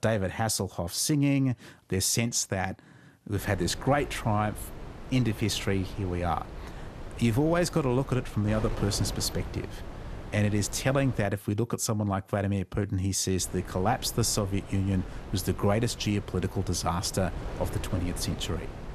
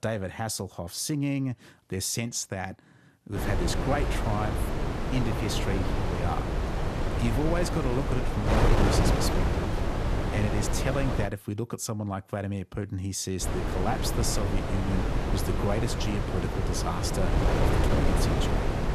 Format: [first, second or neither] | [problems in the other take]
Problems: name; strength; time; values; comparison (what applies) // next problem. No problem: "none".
first | wind noise on the microphone; heavy; from 3.5 to 11 s and from 13 s on; 2 dB above the speech; occasional gusts in the first